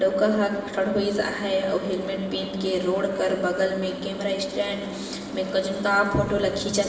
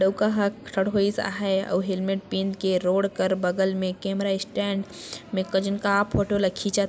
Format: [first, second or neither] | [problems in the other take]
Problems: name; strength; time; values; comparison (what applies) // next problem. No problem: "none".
second | background sound (Boat, Water vehicle); 13 dB below the speech // room echo; dies away in 2.4 s